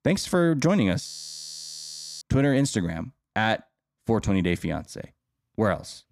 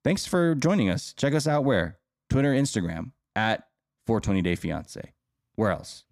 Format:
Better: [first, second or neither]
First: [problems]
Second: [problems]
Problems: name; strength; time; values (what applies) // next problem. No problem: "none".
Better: second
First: audio freezing; at 1 s for 1 s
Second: none